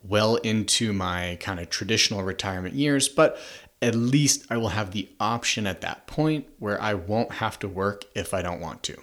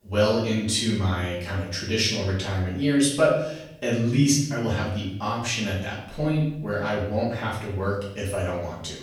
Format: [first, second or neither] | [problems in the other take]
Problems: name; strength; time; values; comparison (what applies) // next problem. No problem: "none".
first | room echo; noticeable; dies away in 0.8 s // off-mic speech; far